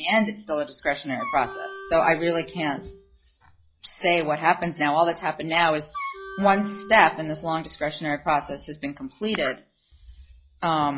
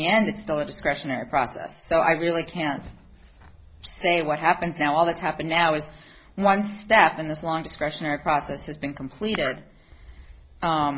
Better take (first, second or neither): second